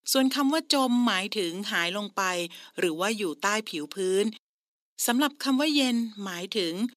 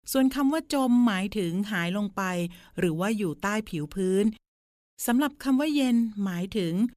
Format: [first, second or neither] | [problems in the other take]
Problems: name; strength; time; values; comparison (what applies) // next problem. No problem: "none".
second | thin; very slightly; fading below 250 Hz